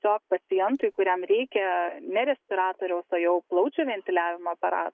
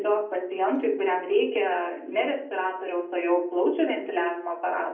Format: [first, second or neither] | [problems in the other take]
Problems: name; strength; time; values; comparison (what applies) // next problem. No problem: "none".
first | room echo; dies away in 0.6 s